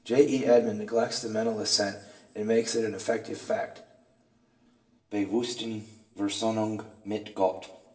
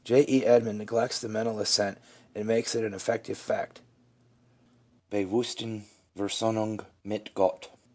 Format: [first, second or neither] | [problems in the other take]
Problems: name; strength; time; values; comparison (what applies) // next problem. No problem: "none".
second | room echo; dies away in 0.6 s